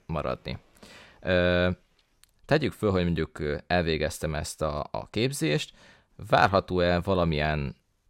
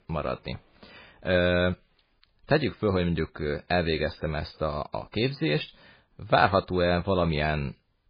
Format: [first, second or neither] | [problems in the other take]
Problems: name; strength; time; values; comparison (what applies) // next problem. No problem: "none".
first | garbled, watery; badly; nothing above 4 kHz